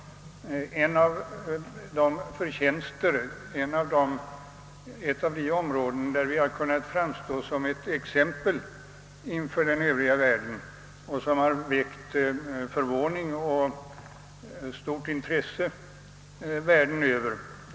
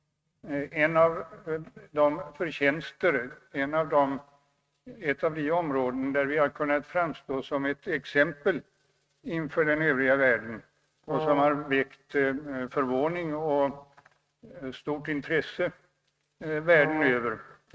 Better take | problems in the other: first | noise reduction (neural mask model RNNoise)

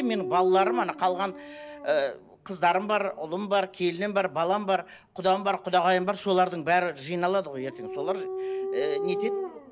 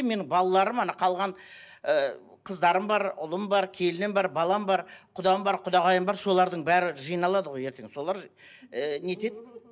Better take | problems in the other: second | background sound (Dog); 9 dB below the speech

